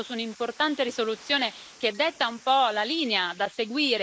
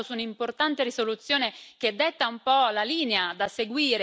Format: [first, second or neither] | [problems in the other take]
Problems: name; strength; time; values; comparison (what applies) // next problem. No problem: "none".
second | noise reduction (neural mask model Resemble Enhance denoiser)